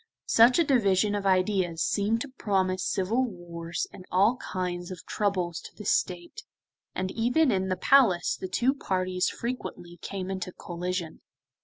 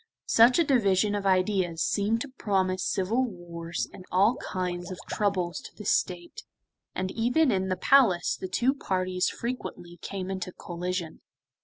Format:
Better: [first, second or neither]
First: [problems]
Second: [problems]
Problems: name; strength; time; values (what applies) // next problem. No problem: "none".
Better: first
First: none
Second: background sound (Liquid); 19 dB below the speech